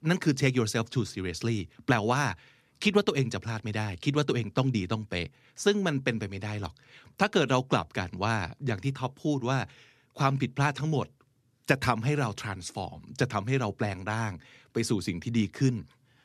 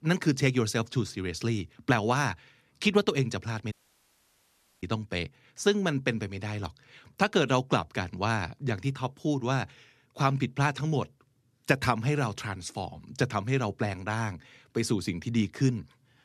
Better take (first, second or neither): first